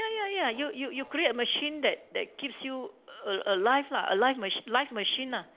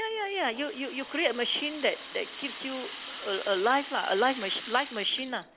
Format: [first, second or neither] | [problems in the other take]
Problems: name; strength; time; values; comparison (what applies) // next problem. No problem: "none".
first | background sound (Rattle (instrument)); 13 dB below the speech